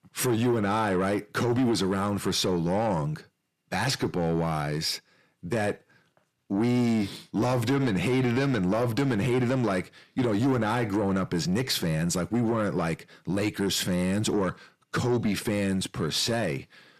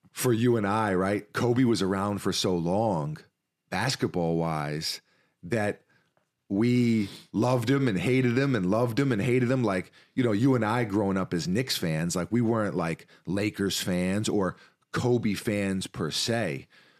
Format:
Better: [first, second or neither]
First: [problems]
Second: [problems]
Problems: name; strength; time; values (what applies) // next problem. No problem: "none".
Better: second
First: distortion; slight; 10 dB below the speech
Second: none